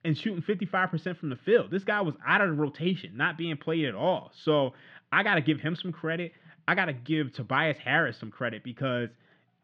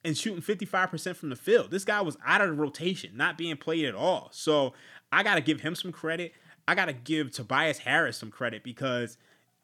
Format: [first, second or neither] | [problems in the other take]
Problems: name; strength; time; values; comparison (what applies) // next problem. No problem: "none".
second | muffled; slightly; fading above 3.5 kHz